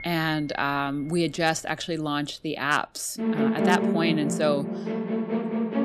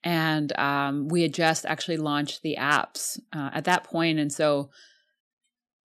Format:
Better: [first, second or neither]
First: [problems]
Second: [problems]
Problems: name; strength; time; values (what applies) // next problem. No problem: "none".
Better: second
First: background music; loud; throughout; as loud as the speech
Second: none